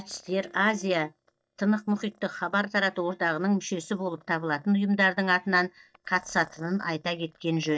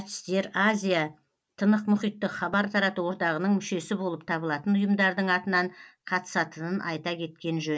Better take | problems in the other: second | noise reduction (neural mask model DeepFilterNet 3)

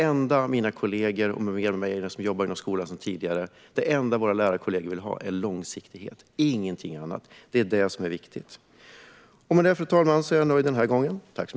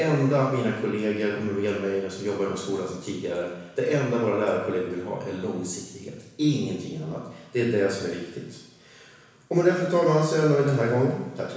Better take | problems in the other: first | room echo; dies away in 1.1 s

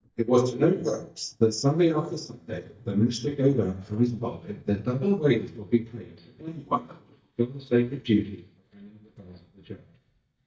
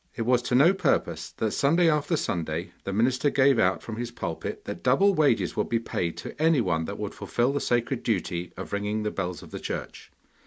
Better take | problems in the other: second | noise reduction (neural mask model DeepFilterNet 3)

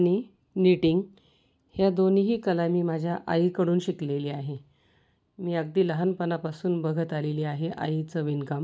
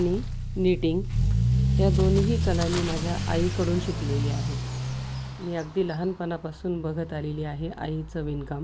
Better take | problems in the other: first | background sound (Accelerating, revving, vroom / Motor vehicle (road)); 1 dB above the speech

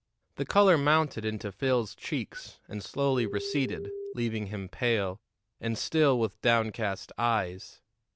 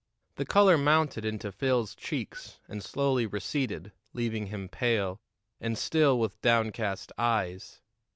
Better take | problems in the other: second | background sound (Telephone); 7 dB below the speech

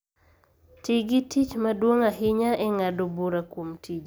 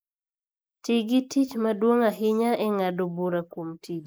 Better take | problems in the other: first | noise reduction (neural mask model Resemble Enhance denoiser)

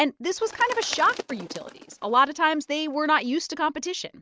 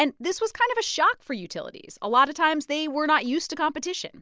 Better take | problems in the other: second | noise reduction (neural mask model RNNoise)

